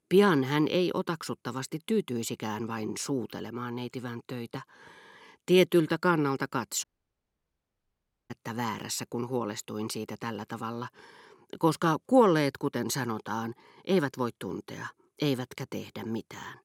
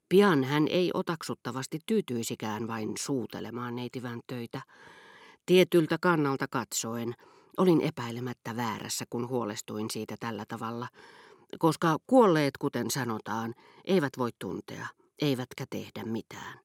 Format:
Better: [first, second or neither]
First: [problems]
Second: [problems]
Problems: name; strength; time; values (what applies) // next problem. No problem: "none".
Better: second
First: audio cutting out; at 7 s for 1.5 s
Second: none